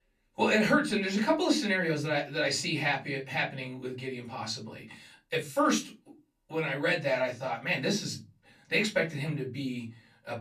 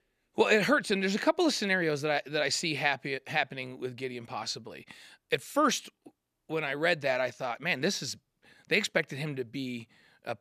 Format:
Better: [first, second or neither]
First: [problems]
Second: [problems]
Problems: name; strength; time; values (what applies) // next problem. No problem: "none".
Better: second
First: off-mic speech; far // room echo; very slight; dies away in 0.3 s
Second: none